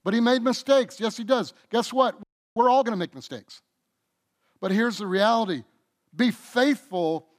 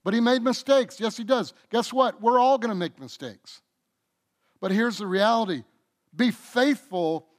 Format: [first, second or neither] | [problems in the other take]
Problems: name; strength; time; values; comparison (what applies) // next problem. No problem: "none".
second | audio freezing; at 2 s